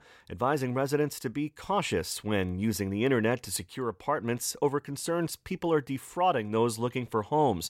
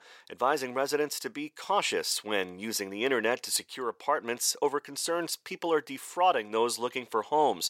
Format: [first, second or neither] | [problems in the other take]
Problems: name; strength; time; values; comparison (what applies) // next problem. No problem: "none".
first | thin; somewhat; fading below 450 Hz